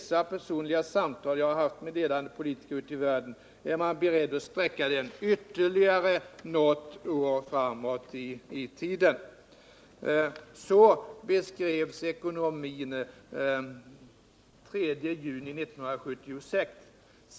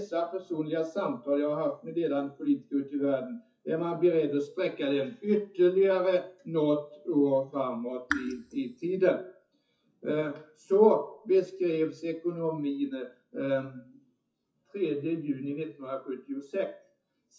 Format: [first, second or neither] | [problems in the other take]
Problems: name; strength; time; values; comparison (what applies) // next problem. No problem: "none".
first | noise reduction (classical method WPE with log-MMSE)